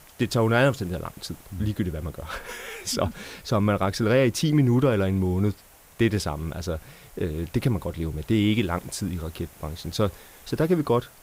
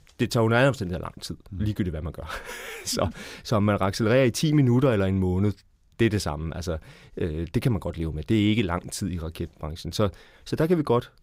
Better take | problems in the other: second | hiss; faint; throughout; 25 dB below the speech

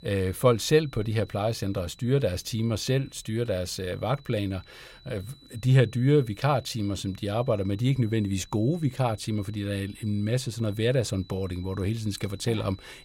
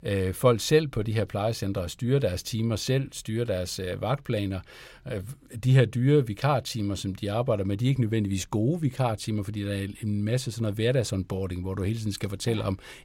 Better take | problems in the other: second | high-pitched whine; faint; throughout; 4 kHz, 25 dB below the speech

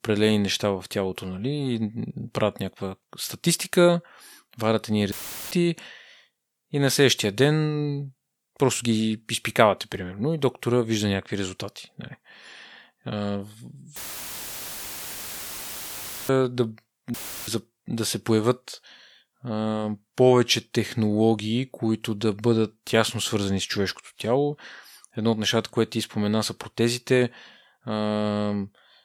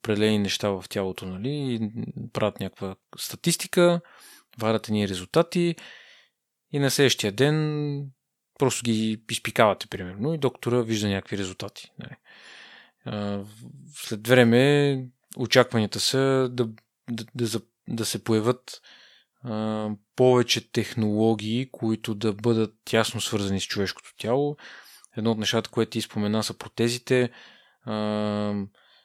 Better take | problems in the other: second | audio cutting out; filled with static; at 5 s, at 14 s for 2.5 s and at 17 s

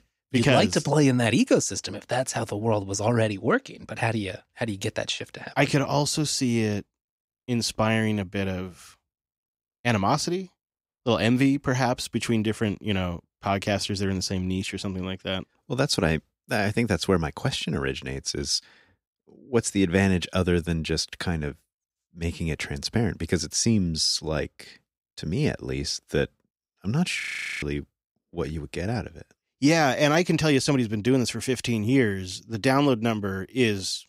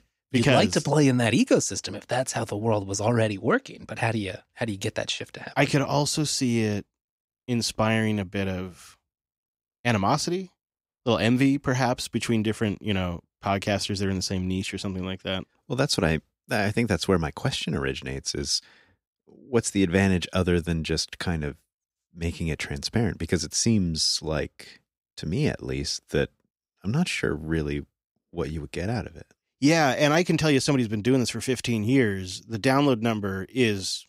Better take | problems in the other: second | audio freezing; at 27 s

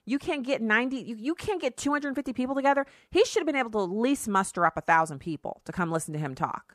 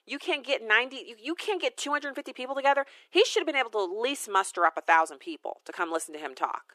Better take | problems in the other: first | thin; somewhat; fading below 350 Hz

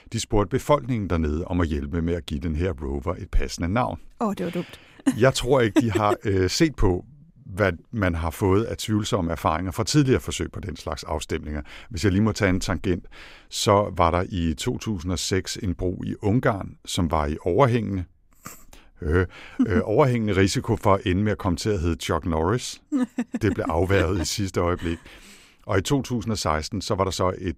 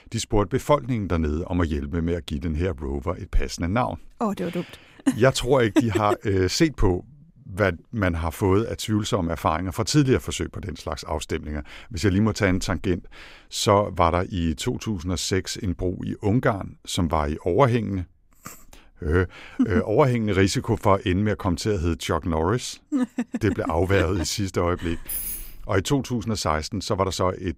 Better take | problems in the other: first | jangling keys; noticeable; at 25 s; peak 4 dB below the speech

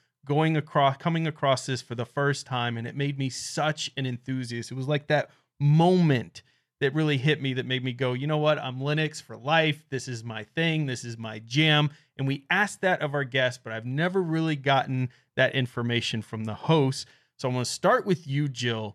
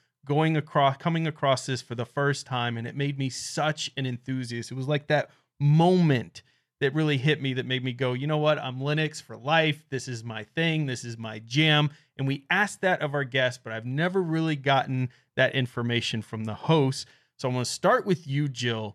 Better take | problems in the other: neither | none

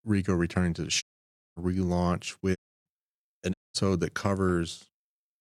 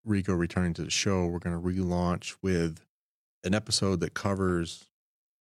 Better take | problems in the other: second | audio cutting out; at 1 s for 0.5 s, at 2.5 s and at 3.5 s

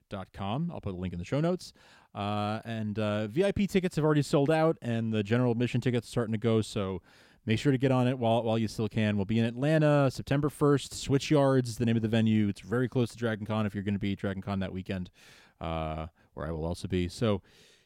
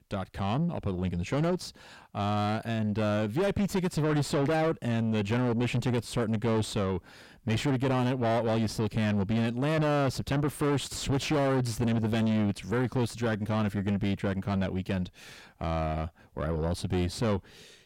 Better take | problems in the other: first | distortion; heavy; 7 dB below the speech

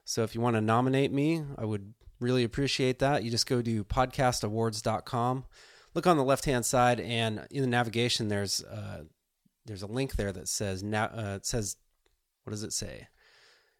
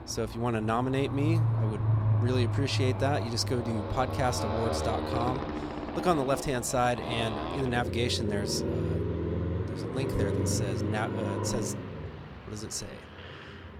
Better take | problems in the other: first | traffic noise; loud; throughout; 1 dB below the speech

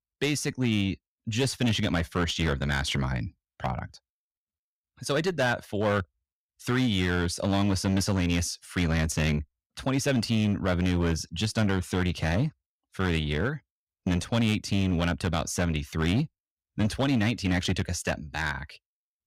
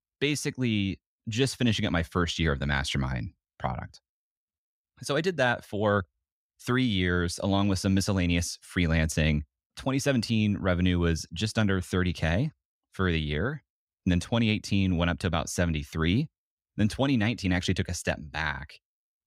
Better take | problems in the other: second | distortion; slight; 9% of the sound clipped

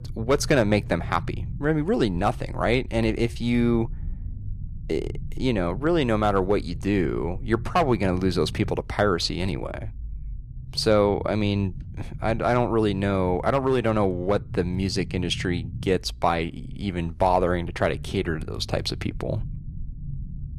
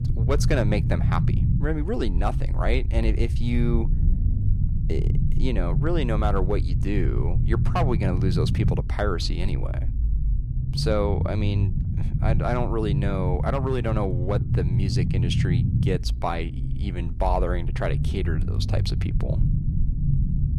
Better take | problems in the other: first | low rumble; loud; throughout; 8 dB below the speech; faint in the first

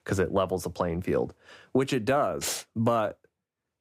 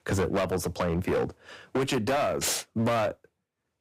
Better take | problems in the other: first | distortion; heavy; 14% of the sound clipped

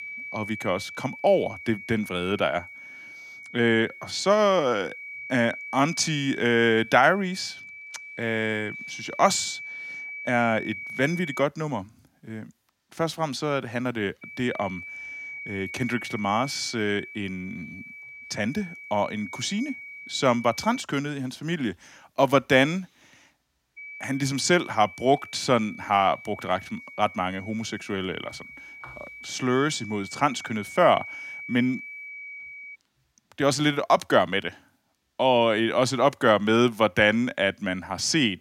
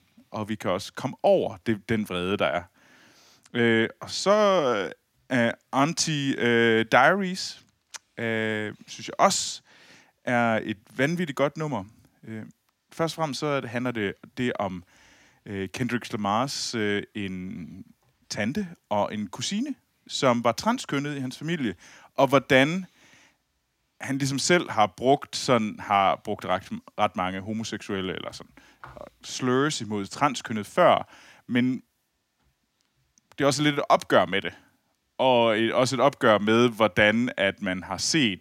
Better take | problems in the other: second | high-pitched whine; noticeable; until 11 s, from 14 to 21 s and from 24 to 33 s; 2.5 kHz, 15 dB below the speech

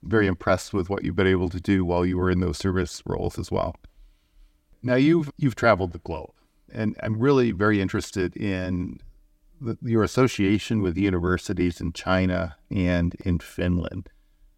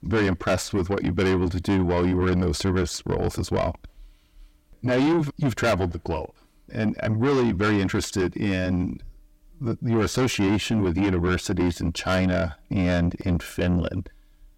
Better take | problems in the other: first | distortion; heavy; 7 dB below the speech

